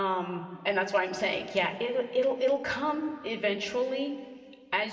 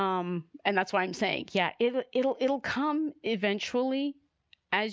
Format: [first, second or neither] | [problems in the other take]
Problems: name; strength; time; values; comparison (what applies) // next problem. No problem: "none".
second | room echo; dies away in 2.2 s